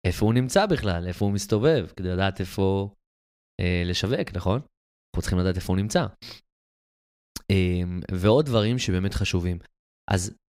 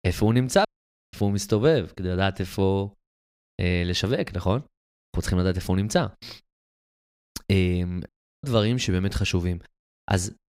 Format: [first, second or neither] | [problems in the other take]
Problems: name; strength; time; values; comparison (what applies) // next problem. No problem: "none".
first | audio cutting out; at 0.5 s and at 8 s